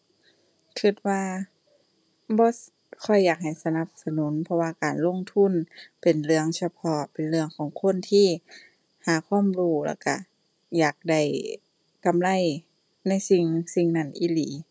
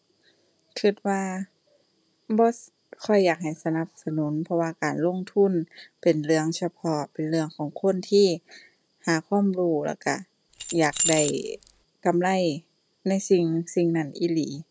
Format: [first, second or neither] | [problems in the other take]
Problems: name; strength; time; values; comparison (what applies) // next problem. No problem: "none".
first | background sound (Keys jangling); 4 dB below the speech